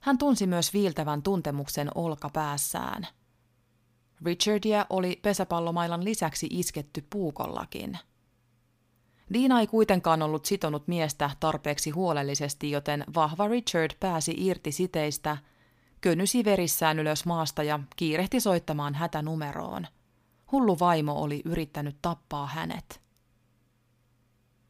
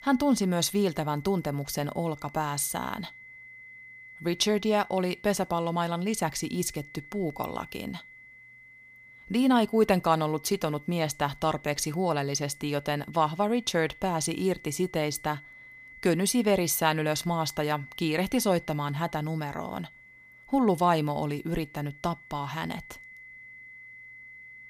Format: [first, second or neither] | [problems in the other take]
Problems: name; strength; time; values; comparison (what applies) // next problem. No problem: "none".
first | high-pitched whine; noticeable; throughout; 2 kHz, 20 dB below the speech